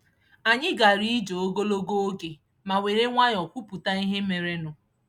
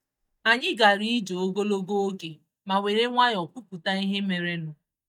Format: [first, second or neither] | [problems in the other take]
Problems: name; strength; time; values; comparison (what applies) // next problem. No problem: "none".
first | noise reduction (neural mask model DeepFilterNet 3)